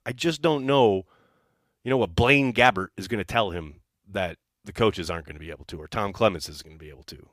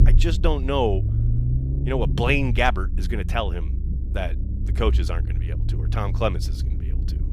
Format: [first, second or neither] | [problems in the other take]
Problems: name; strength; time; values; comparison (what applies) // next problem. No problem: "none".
first | low rumble; noticeable; throughout; 15 dB below the speech